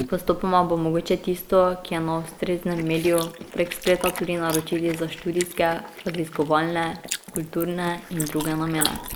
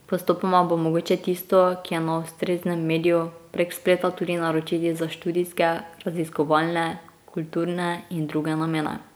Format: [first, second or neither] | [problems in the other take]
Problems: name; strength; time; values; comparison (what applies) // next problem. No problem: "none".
second | noise reduction (neural mask model Resemble Enhance denoiser)